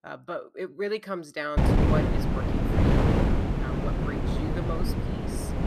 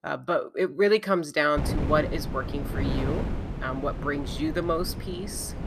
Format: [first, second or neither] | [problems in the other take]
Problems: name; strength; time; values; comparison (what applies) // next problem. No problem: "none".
second | wind noise on the microphone; heavy; from 1.5 s on; 4 dB above the speech; occasional gusts in the second